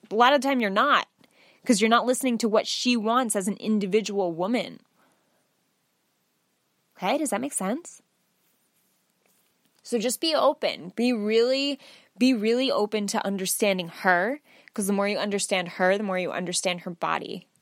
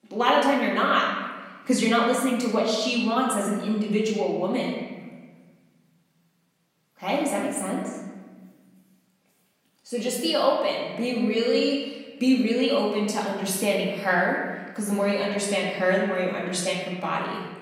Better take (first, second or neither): first